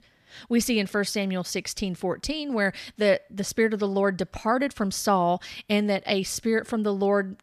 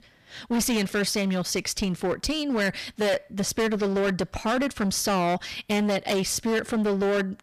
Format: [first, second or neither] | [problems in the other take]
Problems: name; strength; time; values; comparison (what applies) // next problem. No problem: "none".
first | distortion; heavy; 19% of the sound clipped